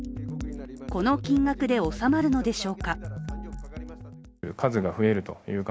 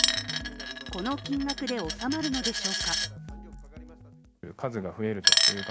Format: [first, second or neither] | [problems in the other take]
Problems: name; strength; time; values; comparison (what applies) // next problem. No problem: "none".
first | background sound (Coin (dropping)); 4 dB above the speech